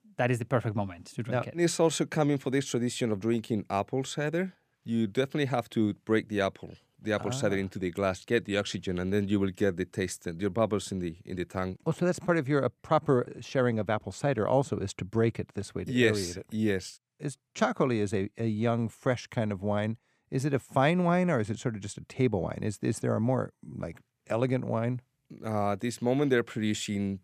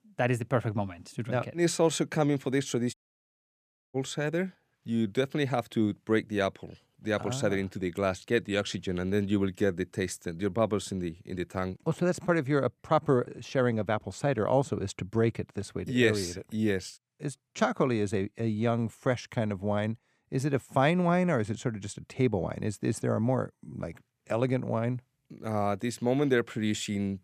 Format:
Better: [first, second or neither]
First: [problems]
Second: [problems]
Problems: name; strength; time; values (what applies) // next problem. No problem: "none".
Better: first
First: none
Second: audio cutting out; at 3 s for 1 s